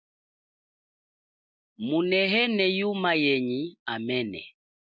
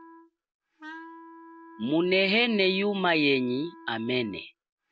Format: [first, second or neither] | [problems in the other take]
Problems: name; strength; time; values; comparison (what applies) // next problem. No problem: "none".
first | background sound (Wind instrument, woodwind instrument); 20 dB below the speech